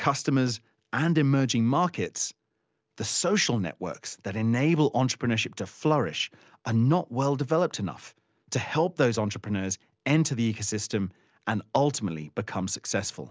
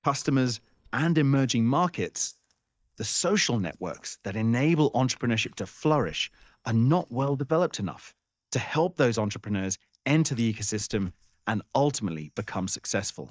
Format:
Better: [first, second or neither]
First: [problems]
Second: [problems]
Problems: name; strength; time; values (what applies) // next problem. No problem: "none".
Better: first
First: none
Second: noise reduction (neural mask model DeepFilterNet 3)